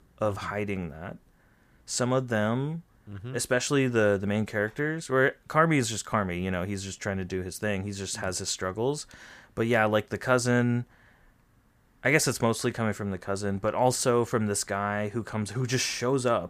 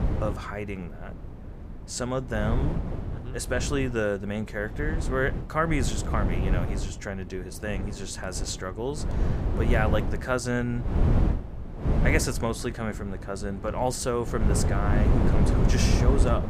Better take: first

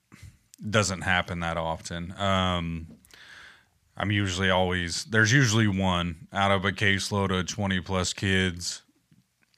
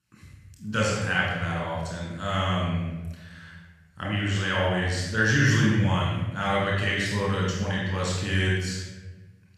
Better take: first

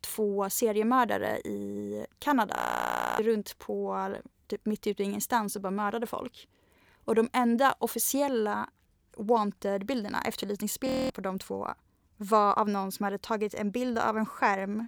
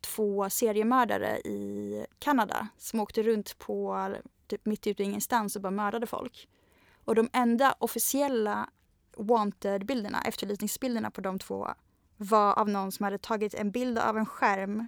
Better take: second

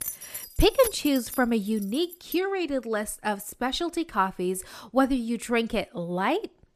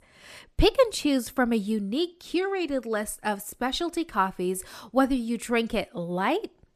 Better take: second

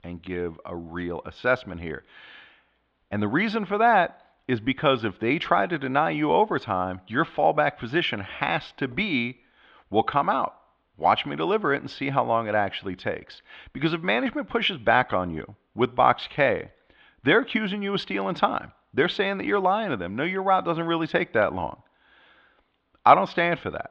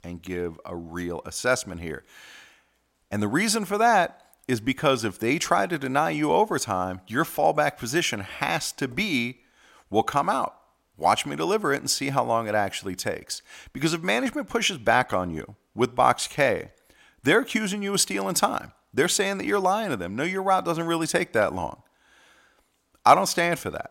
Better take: second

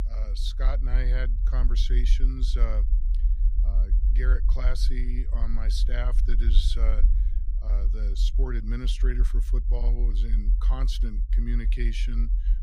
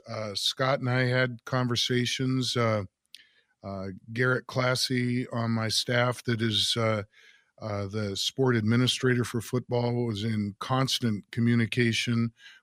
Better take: second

